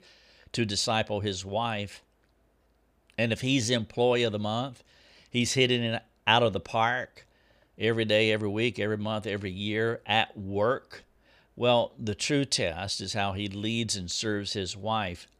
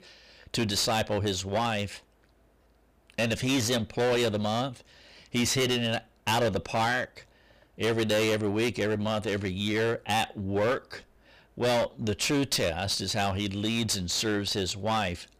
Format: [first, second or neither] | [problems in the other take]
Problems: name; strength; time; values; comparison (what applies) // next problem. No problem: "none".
first | distortion; heavy; 15% of the sound clipped